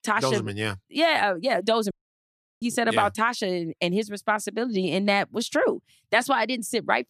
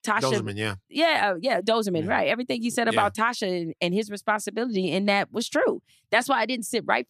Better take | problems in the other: second | audio cutting out; at 2 s for 0.5 s

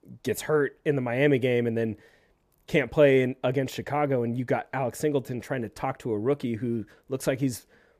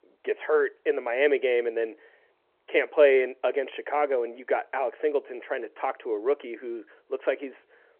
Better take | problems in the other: first | phone-call audio

